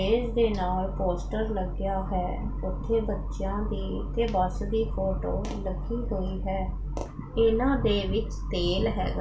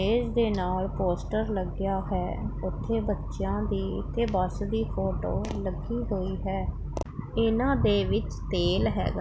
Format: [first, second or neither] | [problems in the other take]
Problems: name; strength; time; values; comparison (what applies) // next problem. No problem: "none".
second | room echo; dies away in 0.3 s